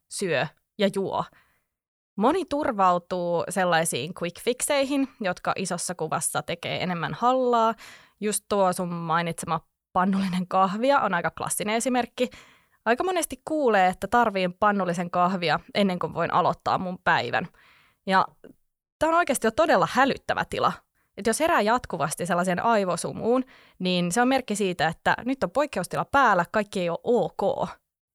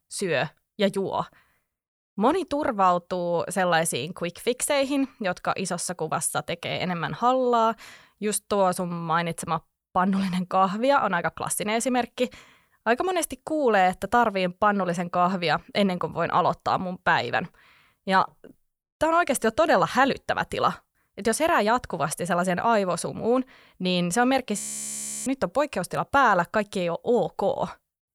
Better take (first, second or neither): first